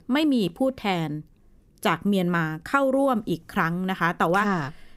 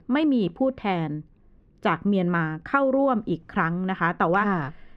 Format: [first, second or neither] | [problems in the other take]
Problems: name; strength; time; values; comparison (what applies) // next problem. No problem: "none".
first | muffled; slightly; fading above 2.5 kHz